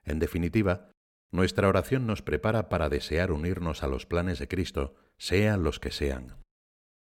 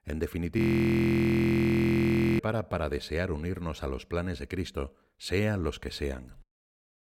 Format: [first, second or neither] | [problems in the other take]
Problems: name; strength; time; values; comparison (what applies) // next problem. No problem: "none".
first | audio freezing; at 0.5 s for 2 s